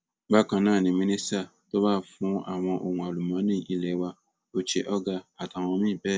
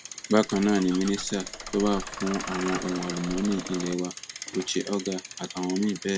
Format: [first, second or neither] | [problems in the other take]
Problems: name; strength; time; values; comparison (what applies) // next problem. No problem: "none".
first | background sound (Bicycle + Engine starting / Bus); 10 dB below the speech